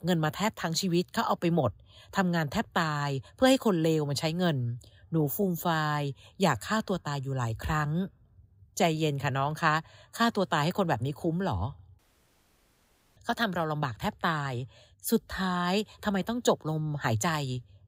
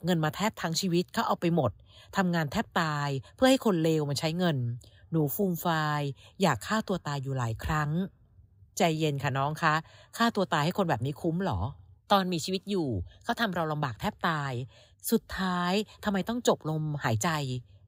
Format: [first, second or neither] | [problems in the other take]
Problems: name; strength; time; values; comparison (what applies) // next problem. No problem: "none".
second | audio cutting out; at 12 s for 1 s